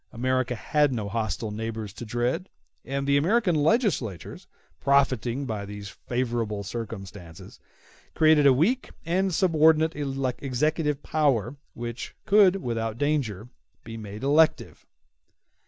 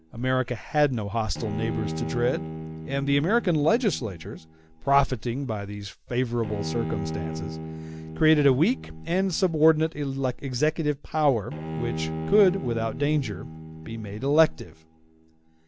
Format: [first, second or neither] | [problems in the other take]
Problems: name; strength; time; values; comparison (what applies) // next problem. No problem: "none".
first | background sound (Bowed string instrument); 10 dB below the speech